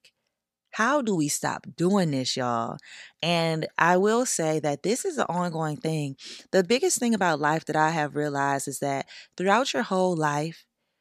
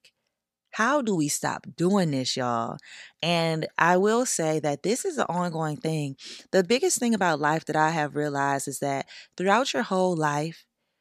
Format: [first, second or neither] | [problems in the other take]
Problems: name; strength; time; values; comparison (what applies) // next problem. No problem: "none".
neither | none